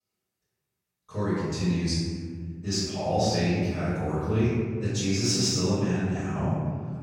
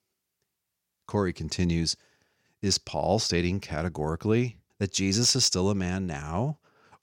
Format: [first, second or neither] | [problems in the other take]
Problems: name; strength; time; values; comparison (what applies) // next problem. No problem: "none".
second | off-mic speech; far // room echo; strong; dies away in 1.8 s